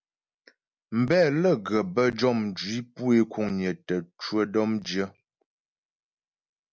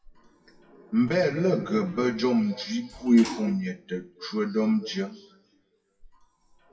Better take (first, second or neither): first